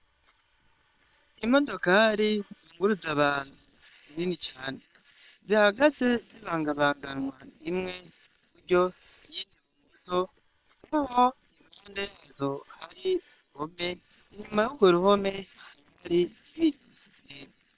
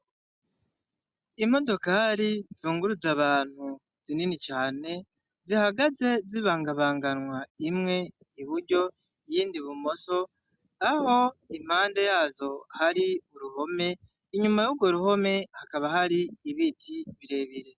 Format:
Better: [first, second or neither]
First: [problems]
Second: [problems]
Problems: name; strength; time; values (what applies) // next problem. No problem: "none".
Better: second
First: noise reduction (neural separator model SepFormer WHAM!)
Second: none